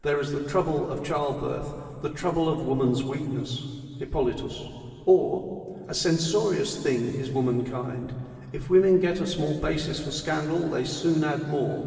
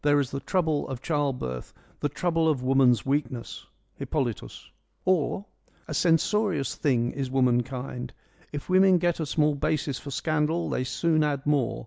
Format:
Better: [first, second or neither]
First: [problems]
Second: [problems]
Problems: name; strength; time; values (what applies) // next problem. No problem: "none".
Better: second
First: room echo; dies away in 2.5 s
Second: none